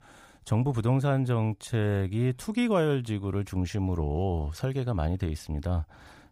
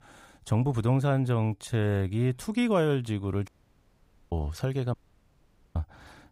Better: first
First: none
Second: audio cutting out; at 3.5 s for 1 s and at 5 s for 1 s

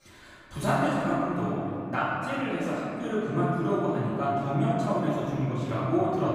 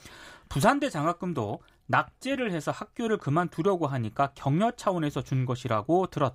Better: second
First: room echo; strong; dies away in 3 s // off-mic speech; far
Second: none

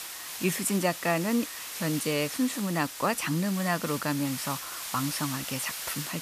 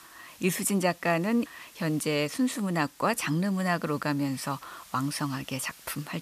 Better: second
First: hiss; loud; throughout; 6 dB below the speech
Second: hiss; faint; throughout; 20 dB below the speech

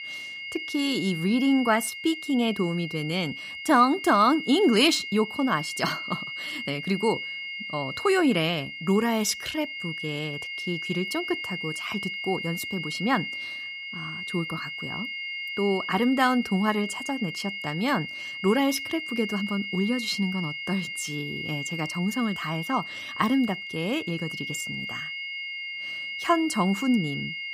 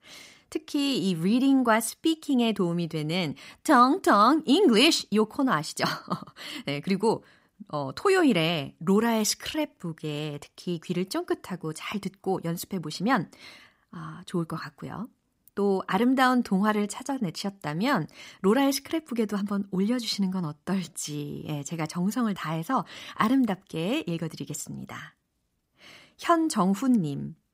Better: second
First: high-pitched whine; loud; throughout; 2 kHz, 6 dB below the speech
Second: none

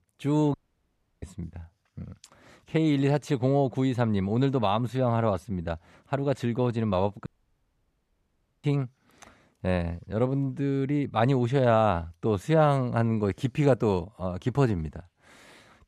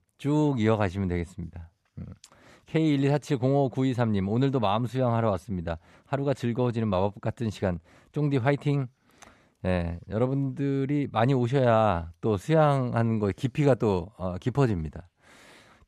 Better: second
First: audio cutting out; at 0.5 s for 0.5 s and at 7.5 s for 1.5 s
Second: none

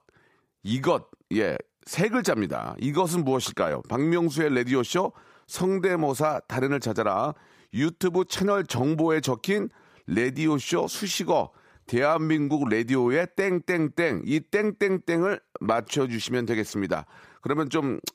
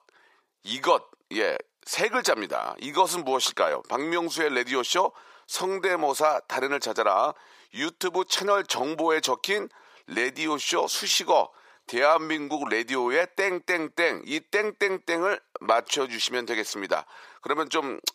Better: first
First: none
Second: thin; very; fading below 550 Hz

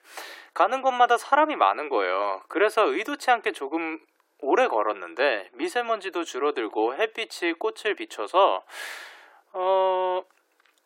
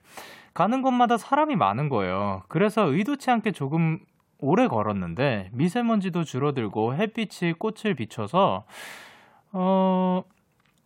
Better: second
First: thin; very; fading below 300 Hz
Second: none

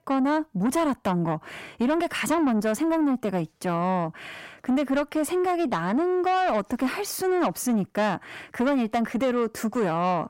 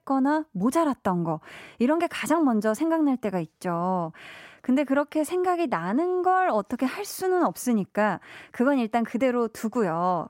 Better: second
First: distortion; slight; 10 dB below the speech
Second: none

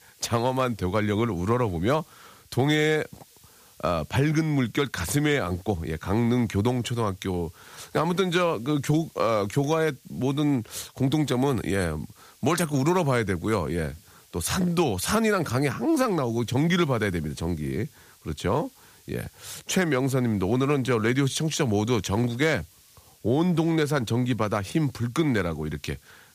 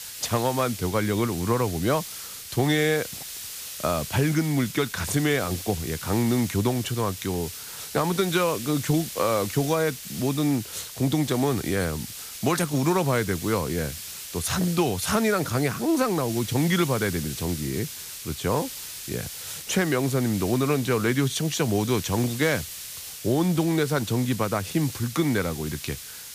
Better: first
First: hiss; faint; throughout; 30 dB below the speech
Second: hiss; loud; throughout; 10 dB below the speech

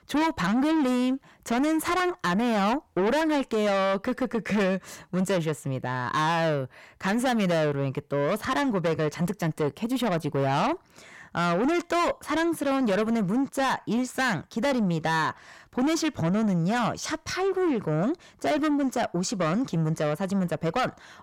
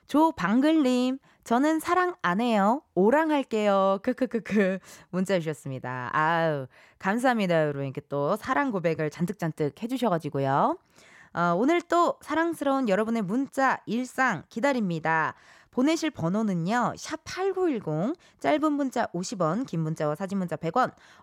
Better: second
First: distortion; heavy; 7 dB below the speech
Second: none

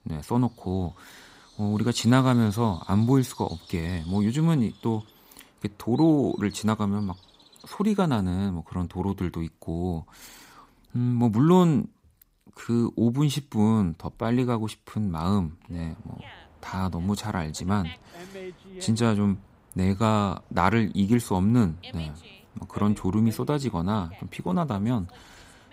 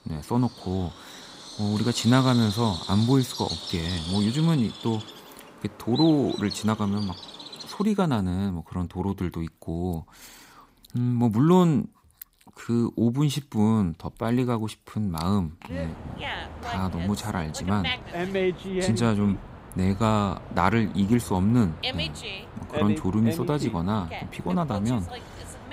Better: first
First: animal sounds; faint; throughout; 25 dB below the speech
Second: animal sounds; loud; throughout; 9 dB below the speech

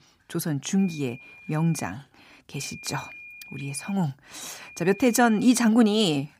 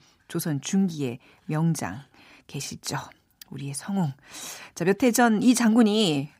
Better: second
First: high-pitched whine; noticeable; from 1 to 2 s, from 2.5 to 4 s and from 4.5 to 5.5 s; 2.5 kHz, 20 dB below the speech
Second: none

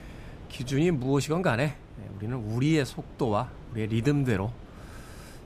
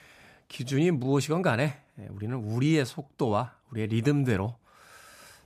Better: second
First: wind noise on the microphone; occasional gusts; 20 dB below the speech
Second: none

